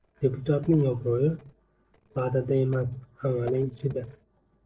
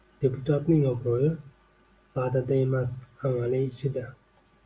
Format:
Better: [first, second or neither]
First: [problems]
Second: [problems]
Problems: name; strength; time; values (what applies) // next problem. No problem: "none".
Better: second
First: noise reduction (neural separator model SepFormer DNS4)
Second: none